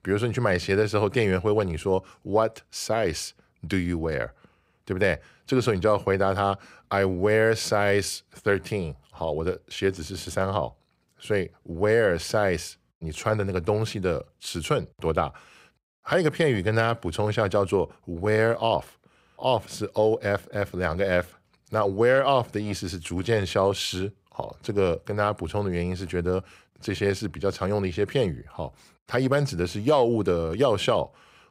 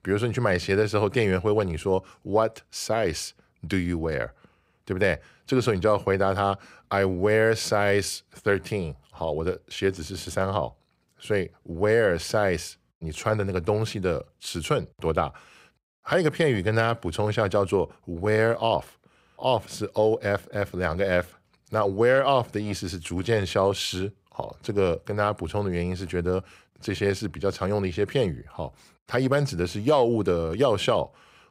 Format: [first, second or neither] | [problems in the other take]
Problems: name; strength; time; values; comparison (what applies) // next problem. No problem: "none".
neither | none